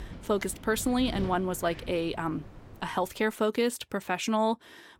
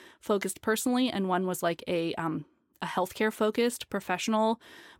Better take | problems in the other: second | wind in the background; noticeable; until 3 s; 15 dB below the speech

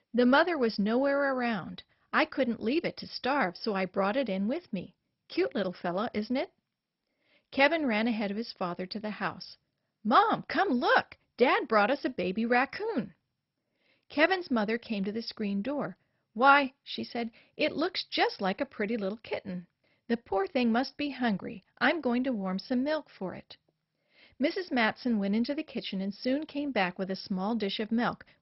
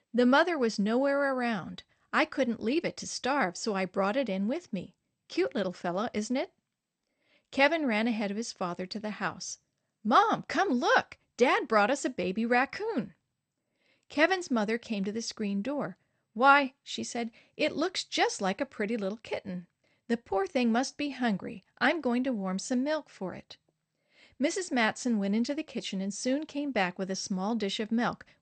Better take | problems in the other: second | garbled, watery; badly; nothing above 5.5 kHz; slightly in the second

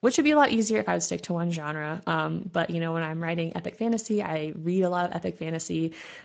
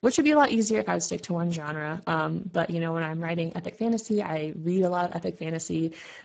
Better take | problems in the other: first | garbled, watery; badly; nothing above 7.5 kHz; slightly in the first

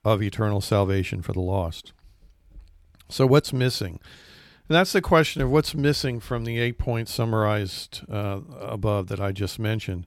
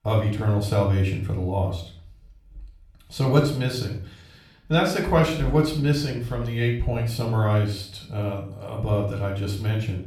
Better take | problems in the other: first | off-mic speech; somewhat distant // room echo; noticeable; dies away in 0.4 s

